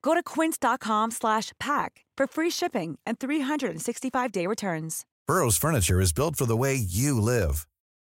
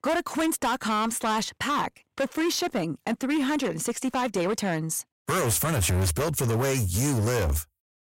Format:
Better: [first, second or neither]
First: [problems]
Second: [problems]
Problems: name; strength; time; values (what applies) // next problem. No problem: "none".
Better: first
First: none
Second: distortion; heavy; 19% of the sound clipped